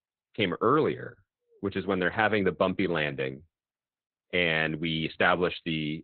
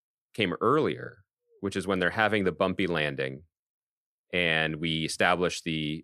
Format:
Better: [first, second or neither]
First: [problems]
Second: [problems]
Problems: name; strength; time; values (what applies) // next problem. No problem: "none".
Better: second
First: garbled, watery; badly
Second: none